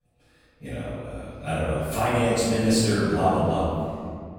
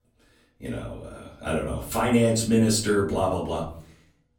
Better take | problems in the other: second | room echo; strong; dies away in 2.4 s; slight in the second // off-mic speech; far; far in the second

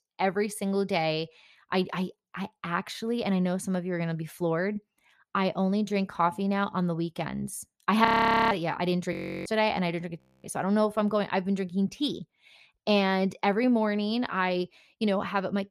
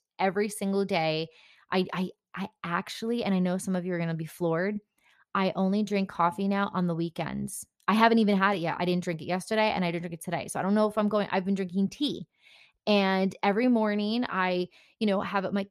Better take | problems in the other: second | audio freezing; at 8 s, at 9 s and at 10 s

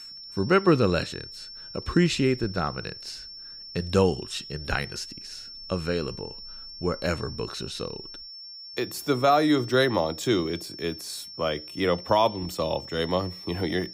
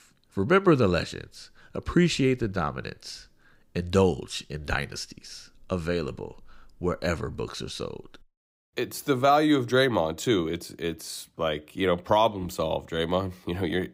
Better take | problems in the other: second | high-pitched whine; noticeable; throughout; 5.5 kHz, 15 dB below the speech

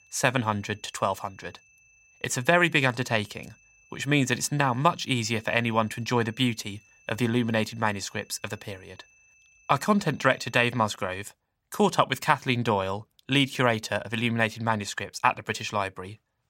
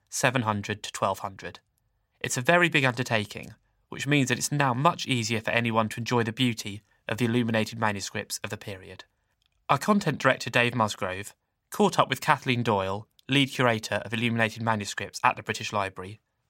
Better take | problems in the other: second | high-pitched whine; faint; until 11 s; 2.5 kHz, 30 dB below the speech

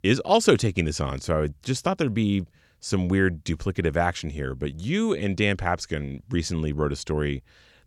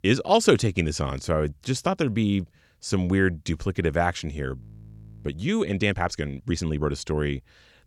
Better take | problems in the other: first | audio freezing; at 4.5 s for 0.5 s

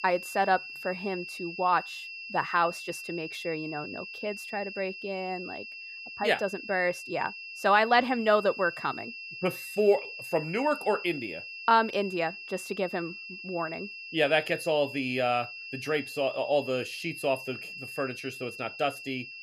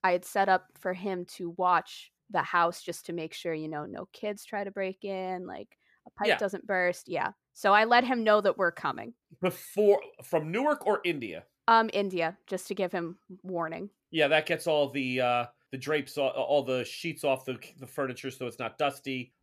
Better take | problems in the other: second | high-pitched whine; loud; throughout; 2.5 kHz, 10 dB below the speech

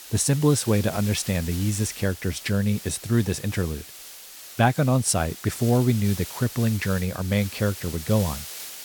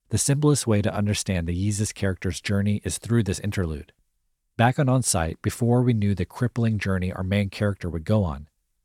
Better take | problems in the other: second | hiss; noticeable; throughout; 10 dB below the speech

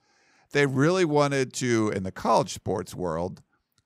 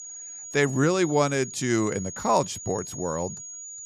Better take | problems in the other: first | high-pitched whine; noticeable; throughout; 6.5 kHz, 10 dB below the speech

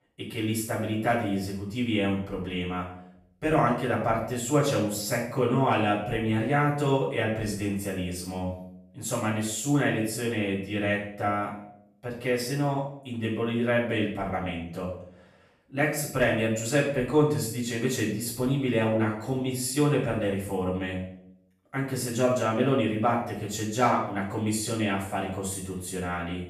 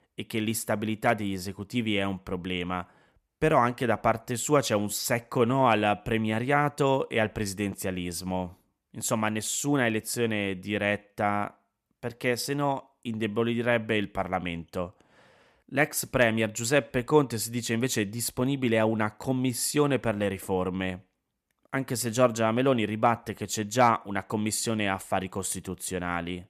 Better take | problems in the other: second | off-mic speech; far // room echo; noticeable; dies away in 0.6 s

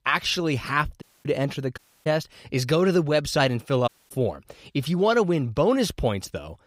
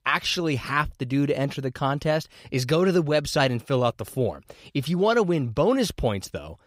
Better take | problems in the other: second | audio cutting out; at 1 s, at 2 s and at 4 s

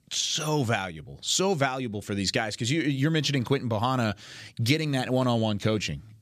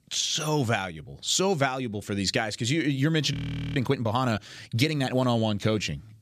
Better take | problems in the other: first | audio freezing; at 3.5 s

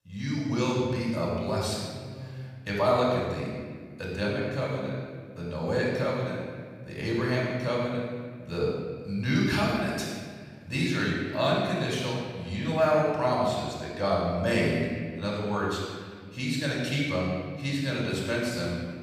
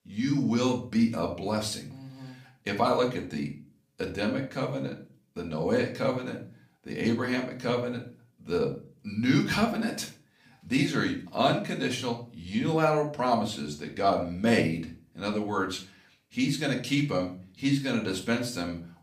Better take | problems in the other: second | room echo; strong; dies away in 1.6 s; slight in the second // off-mic speech; far; somewhat distant in the second

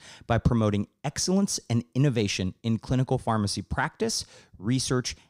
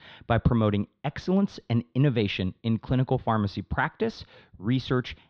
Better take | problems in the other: first | muffled; very; fading above 3.5 kHz

